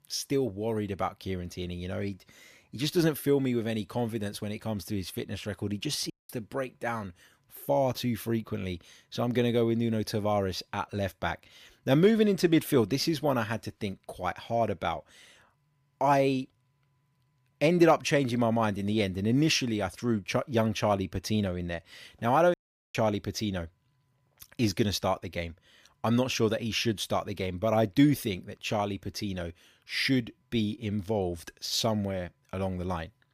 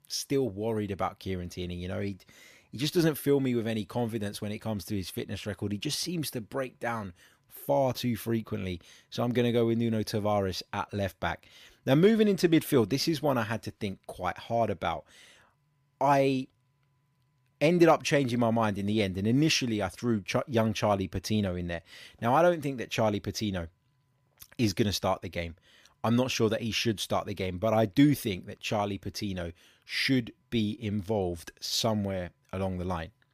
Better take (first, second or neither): second